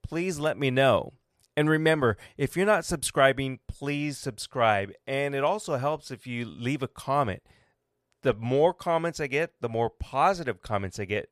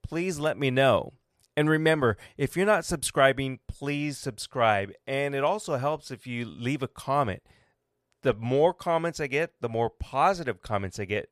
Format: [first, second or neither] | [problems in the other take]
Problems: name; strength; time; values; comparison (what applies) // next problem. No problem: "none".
neither | none